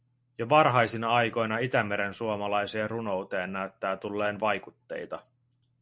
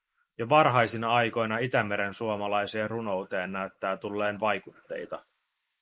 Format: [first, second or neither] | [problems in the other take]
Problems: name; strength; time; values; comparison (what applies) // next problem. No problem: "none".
first | noise reduction (neural mask model Resemble Enhance denoiser)